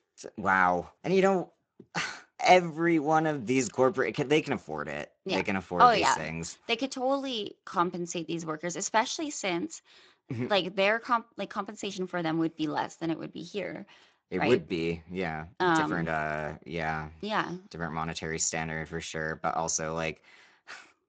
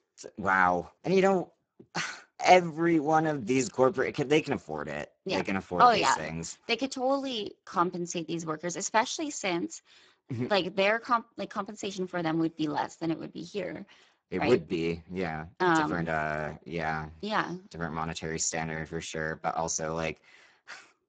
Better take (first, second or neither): first